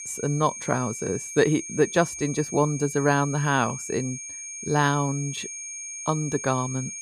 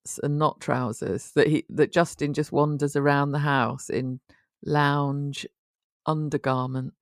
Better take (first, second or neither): second